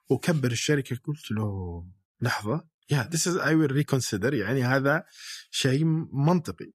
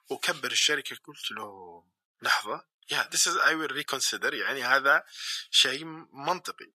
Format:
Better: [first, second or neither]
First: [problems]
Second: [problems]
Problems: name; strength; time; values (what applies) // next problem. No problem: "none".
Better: first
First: none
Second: thin; very; fading below 750 Hz